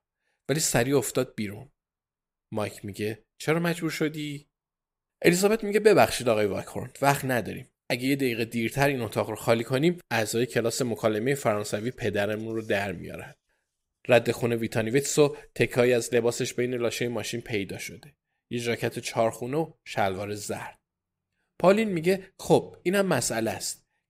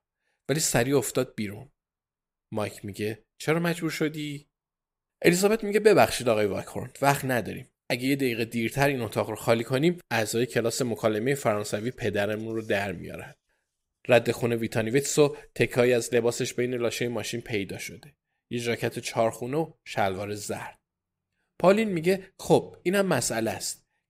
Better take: neither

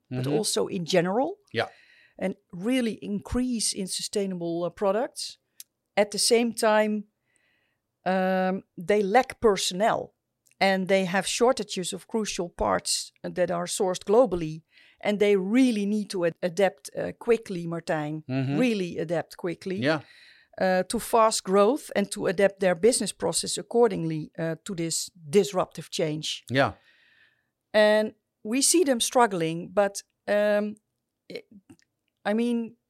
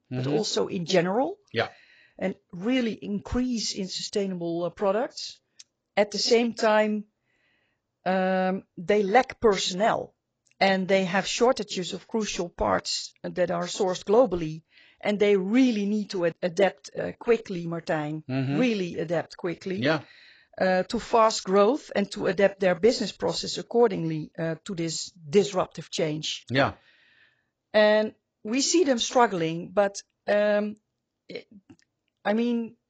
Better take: first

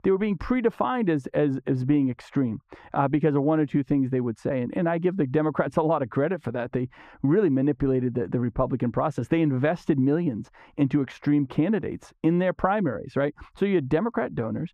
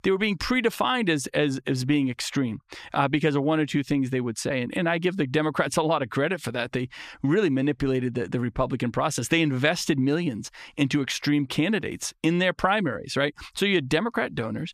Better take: second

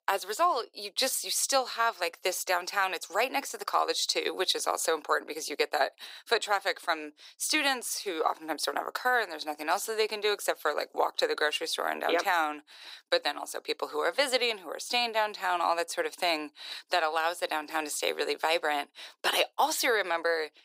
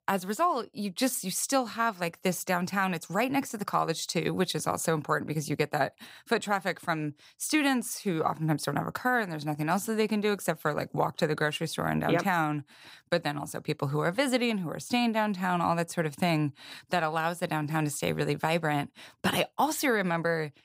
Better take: second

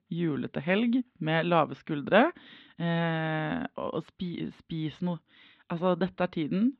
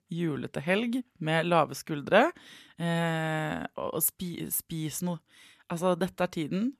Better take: second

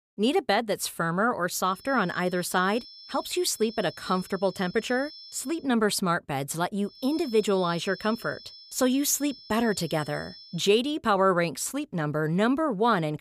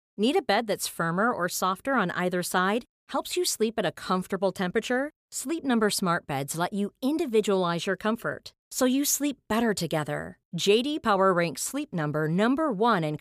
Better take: second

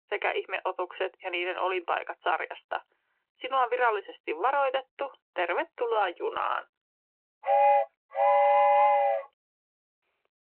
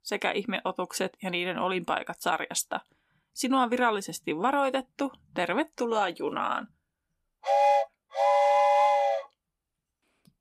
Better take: second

